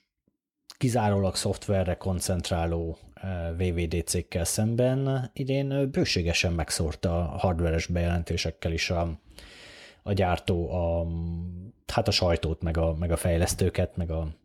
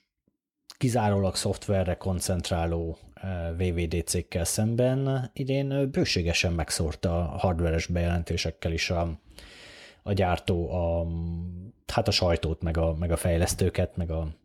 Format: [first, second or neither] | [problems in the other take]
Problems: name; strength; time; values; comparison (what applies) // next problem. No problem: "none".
neither | none